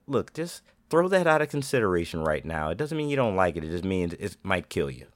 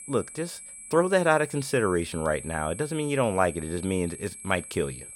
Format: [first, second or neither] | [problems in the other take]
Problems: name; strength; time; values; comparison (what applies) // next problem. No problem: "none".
first | high-pitched whine; noticeable; throughout; 8 kHz, 15 dB below the speech